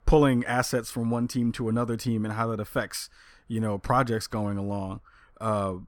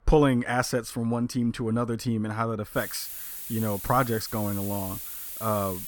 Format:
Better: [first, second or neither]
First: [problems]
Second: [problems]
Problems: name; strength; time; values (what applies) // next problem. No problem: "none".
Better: first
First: none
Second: hiss; loud; from 3 s on; 7 dB below the speech